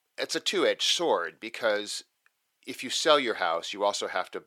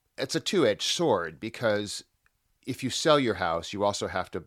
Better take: second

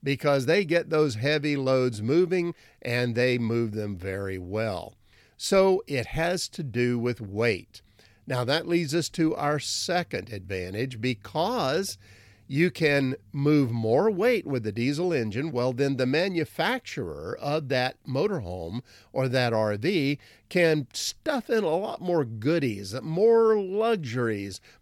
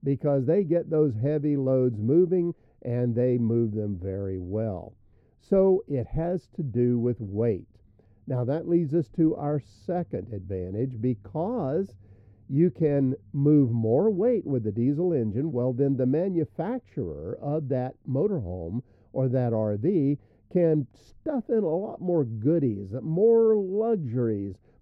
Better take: first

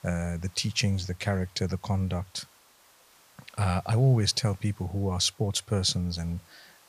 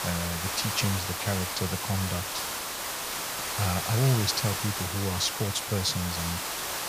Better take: first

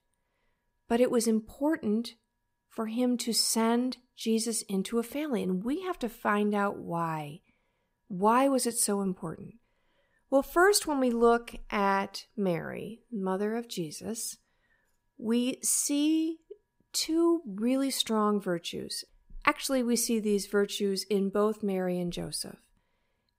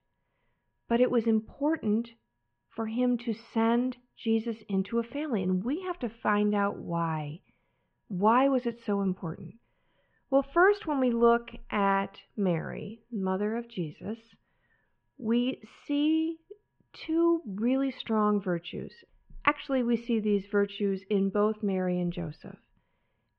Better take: first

